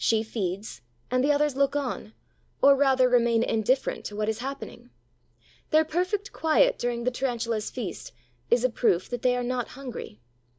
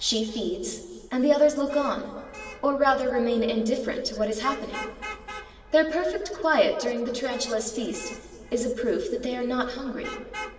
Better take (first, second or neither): first